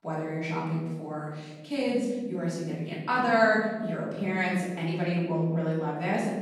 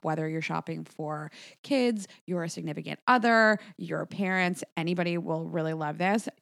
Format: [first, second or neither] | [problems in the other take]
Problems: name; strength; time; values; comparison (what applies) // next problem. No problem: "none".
second | off-mic speech; far // room echo; noticeable; dies away in 1.5 s